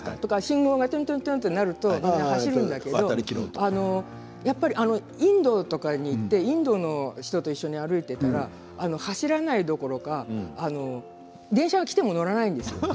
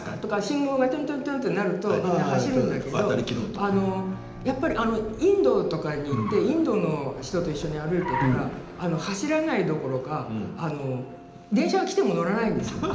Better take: first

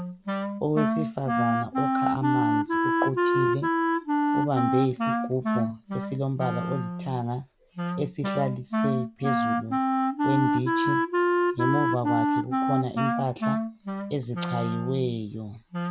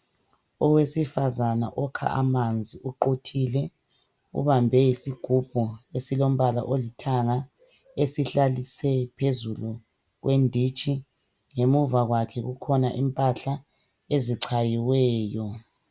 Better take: second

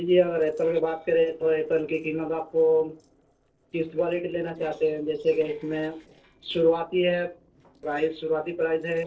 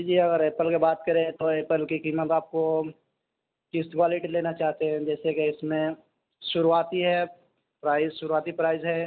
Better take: second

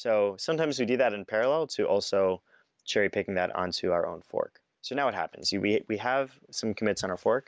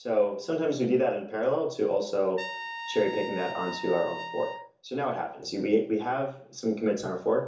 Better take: first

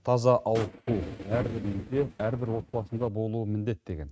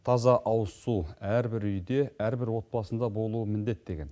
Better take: second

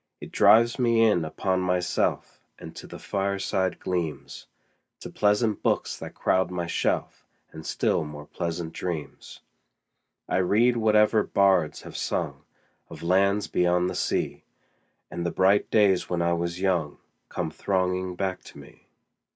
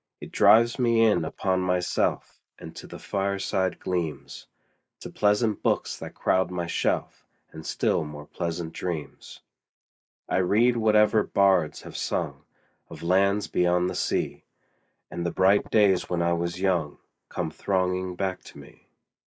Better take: first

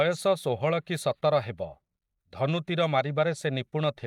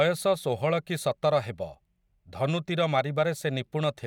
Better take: second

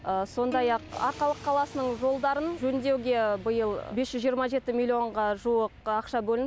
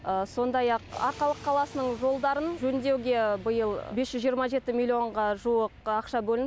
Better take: second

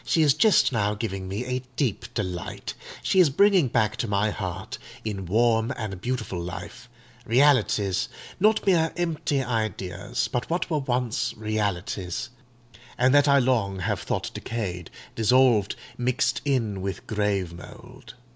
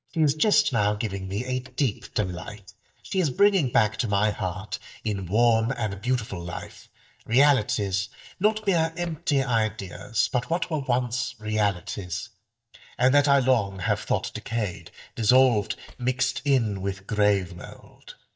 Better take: first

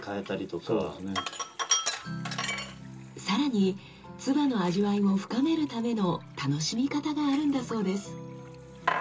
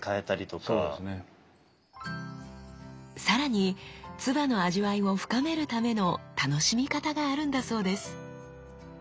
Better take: second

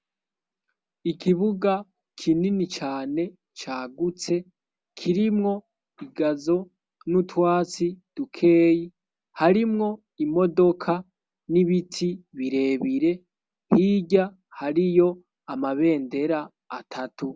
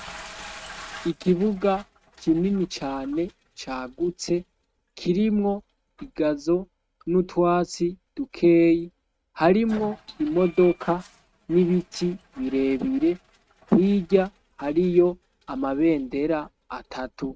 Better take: first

